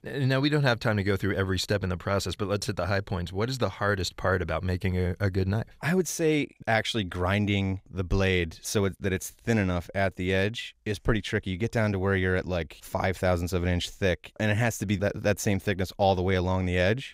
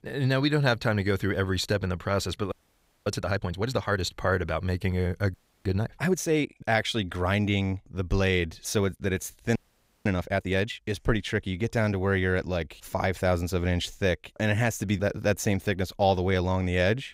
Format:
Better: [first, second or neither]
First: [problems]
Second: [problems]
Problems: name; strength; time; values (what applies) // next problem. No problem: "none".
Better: first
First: none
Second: audio freezing; at 2.5 s for 0.5 s, at 5.5 s and at 9.5 s